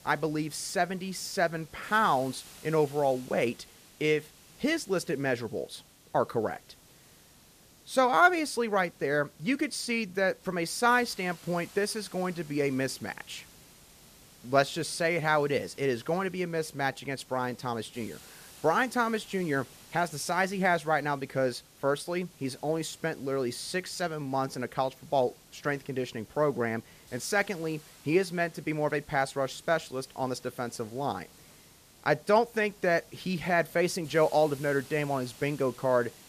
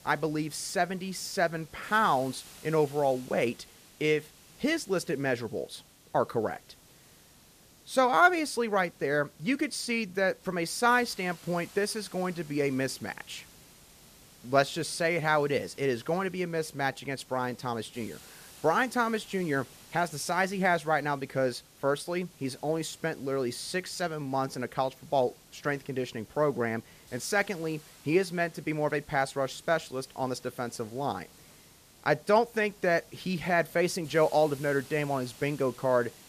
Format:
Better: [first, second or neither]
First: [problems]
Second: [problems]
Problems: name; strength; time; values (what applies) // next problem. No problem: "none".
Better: neither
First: hiss; faint; throughout; 25 dB below the speech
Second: hiss; faint; throughout; 25 dB below the speech